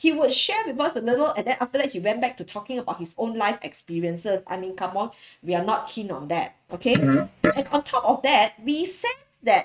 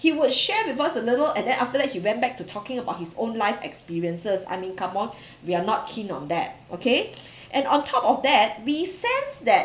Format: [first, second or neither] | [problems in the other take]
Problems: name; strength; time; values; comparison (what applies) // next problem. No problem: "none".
second | noise reduction (neural mask model RNNoise)